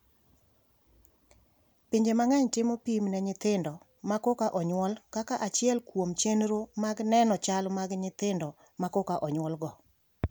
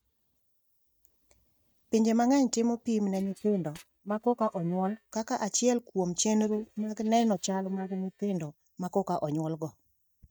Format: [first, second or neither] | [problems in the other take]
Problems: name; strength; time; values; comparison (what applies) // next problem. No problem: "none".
first | noise reduction (neural mask model DeepFilterNet 3)